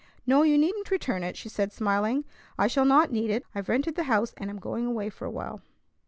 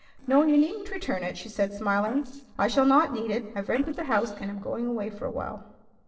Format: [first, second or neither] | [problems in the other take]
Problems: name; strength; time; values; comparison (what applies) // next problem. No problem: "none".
first | noise reduction (neural separator model SepFormer DNS4)